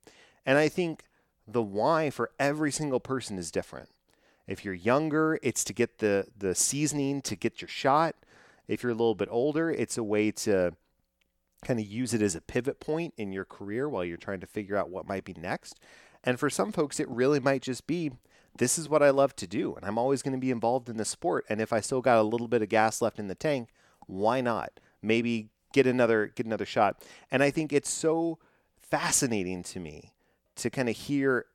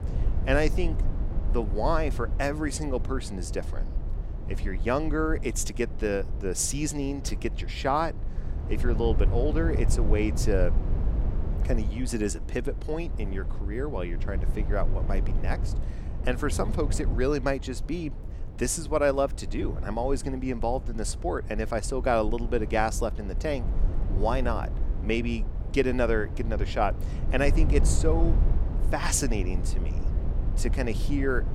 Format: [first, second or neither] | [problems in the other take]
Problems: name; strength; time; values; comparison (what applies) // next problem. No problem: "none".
first | low rumble; noticeable; throughout; 15 dB below the speech